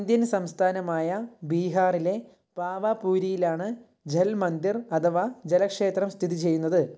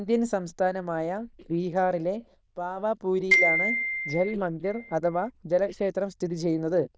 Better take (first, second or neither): first